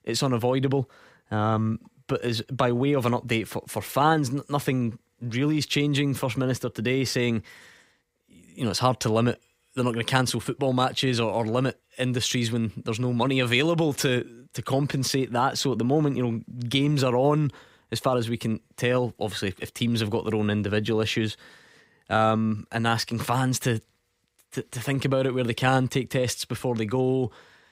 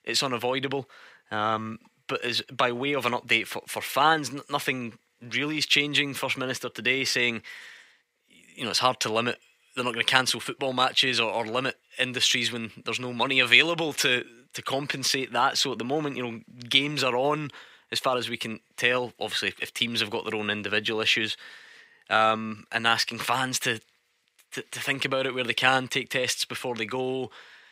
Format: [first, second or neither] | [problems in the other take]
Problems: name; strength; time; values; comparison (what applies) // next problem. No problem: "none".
first | thin; somewhat; fading below 500 Hz